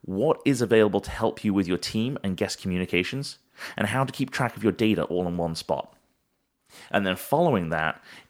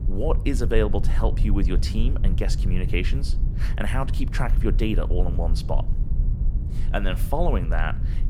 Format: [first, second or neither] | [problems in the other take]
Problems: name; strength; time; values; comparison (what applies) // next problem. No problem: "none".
first | low rumble; noticeable; throughout; 10 dB below the speech